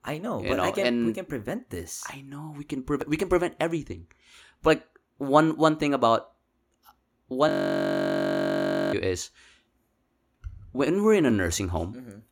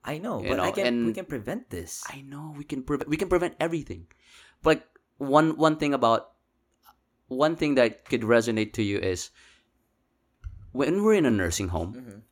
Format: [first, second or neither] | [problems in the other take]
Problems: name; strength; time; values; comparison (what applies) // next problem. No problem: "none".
second | audio freezing; at 7.5 s for 1.5 s